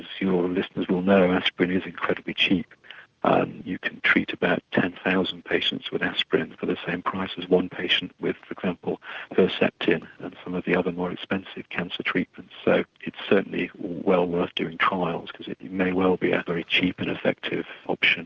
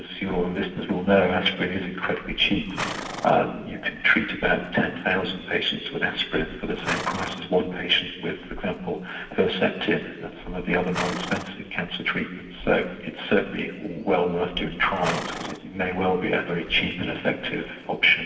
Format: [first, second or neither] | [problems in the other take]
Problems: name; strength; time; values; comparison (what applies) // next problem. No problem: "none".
first | background sound (Livestock, farm animals, working animals); 13 dB below the speech // room echo; dies away in 1.4 s